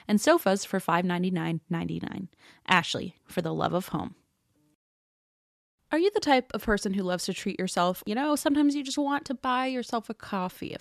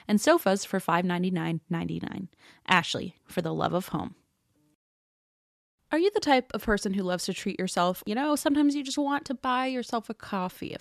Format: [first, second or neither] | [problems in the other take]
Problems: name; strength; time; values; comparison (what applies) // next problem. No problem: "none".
neither | none